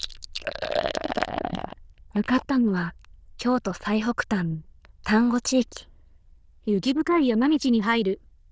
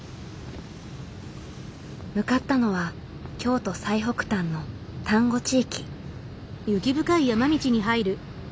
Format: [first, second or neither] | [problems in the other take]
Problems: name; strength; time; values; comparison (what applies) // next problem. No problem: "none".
second | noise reduction (neural diffusion model UNIVERSE++)